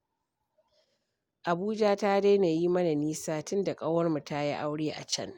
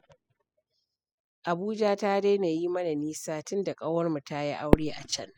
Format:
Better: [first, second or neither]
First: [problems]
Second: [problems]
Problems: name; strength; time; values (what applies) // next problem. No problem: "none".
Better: first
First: none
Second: noise reduction (classical method spectral subtraction)